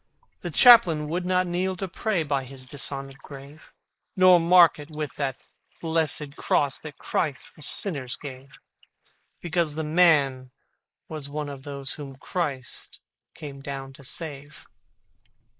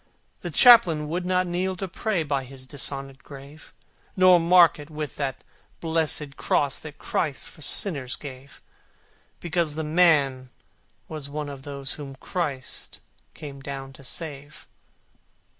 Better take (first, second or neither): second